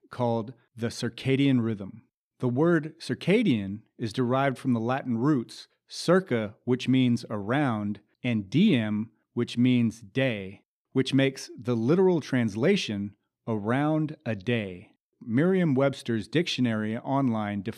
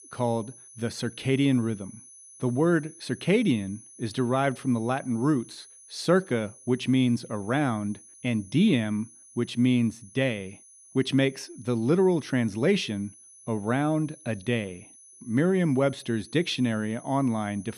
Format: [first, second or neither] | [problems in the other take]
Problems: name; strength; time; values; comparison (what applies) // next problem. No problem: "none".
first | high-pitched whine; faint; throughout; 10 kHz, 20 dB below the speech